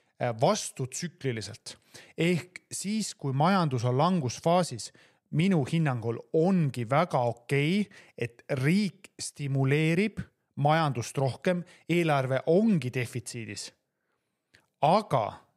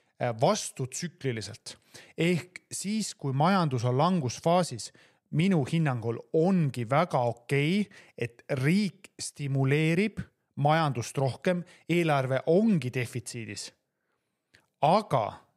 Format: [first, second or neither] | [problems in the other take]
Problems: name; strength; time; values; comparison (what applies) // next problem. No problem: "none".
neither | none